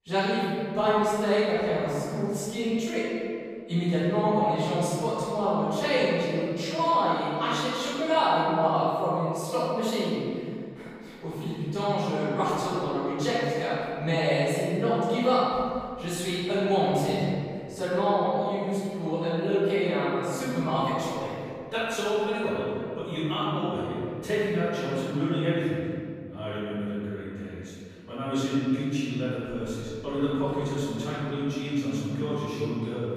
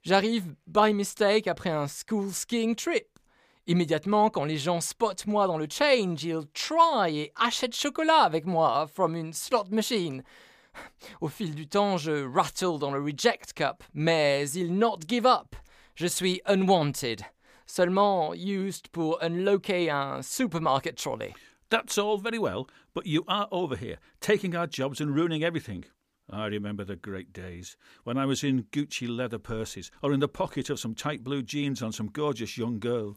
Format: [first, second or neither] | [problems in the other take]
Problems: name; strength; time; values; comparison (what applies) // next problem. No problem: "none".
second | off-mic speech; far // room echo; strong; dies away in 2.2 s